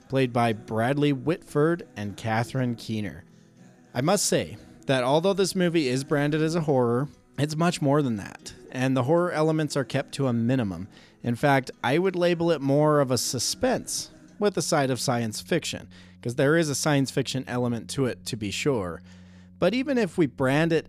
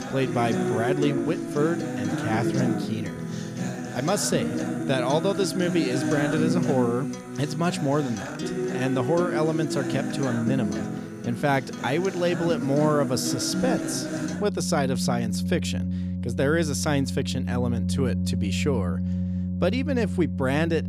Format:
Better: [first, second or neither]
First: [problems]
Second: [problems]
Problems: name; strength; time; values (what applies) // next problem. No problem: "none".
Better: first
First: background music; faint; throughout; 25 dB below the speech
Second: background music; loud; throughout; 2 dB below the speech